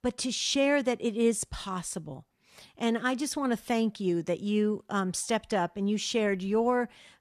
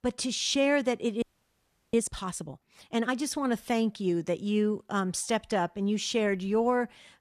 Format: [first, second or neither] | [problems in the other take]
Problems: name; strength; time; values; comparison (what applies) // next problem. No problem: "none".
first | audio freezing; at 1 s for 0.5 s